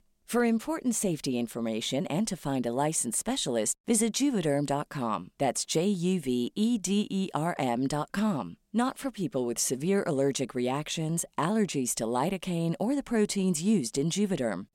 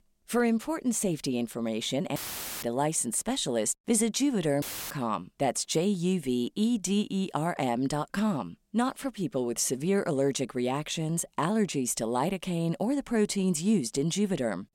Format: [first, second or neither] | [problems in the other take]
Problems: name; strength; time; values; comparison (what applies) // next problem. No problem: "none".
first | audio cutting out; filled with static; at 2 s and at 4.5 s